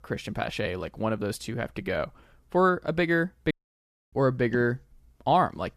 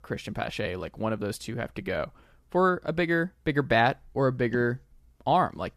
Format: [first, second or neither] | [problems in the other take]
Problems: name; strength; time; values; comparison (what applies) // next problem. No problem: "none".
second | audio cutting out; at 3.5 s for 0.5 s